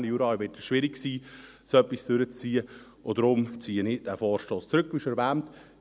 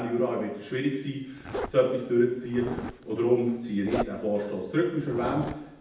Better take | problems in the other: first | background sound (Zipper (clothing)); 12 dB below the speech // room echo; dies away in 0.8 s

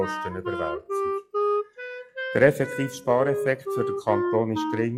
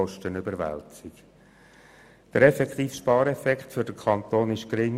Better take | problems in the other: second | noise reduction (classical method log-MMSE)

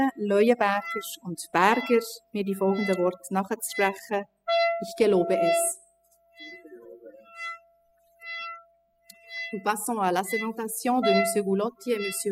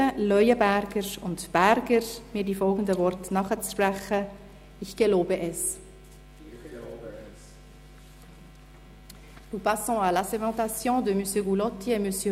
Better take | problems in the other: second | noise reduction (classical method spectral subtraction)

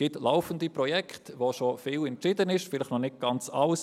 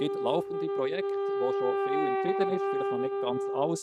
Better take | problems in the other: first | noise reduction (neural mask model RNNoise)

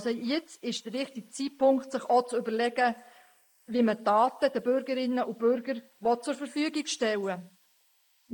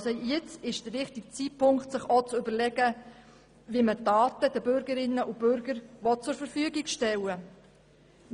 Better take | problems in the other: second | noise reduction (neural mask model Resemble Enhance denoiser)

